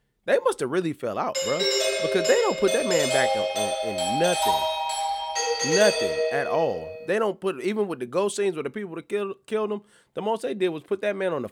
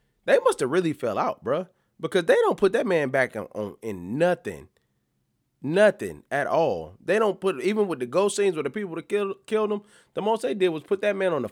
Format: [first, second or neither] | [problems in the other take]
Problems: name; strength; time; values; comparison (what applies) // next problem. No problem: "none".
second | doorbell; loud; from 1.5 to 7 s; peak 5 dB above the speech